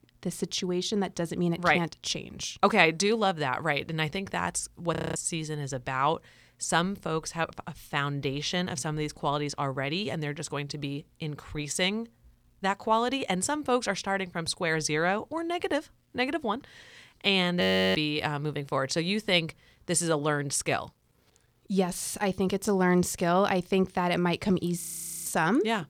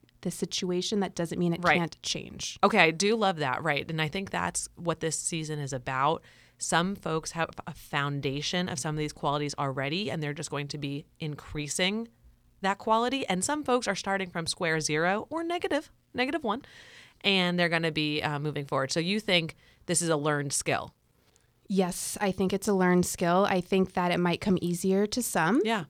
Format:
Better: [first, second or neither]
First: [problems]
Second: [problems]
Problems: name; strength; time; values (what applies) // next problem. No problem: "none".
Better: second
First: audio freezing; at 5 s, at 18 s and at 25 s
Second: none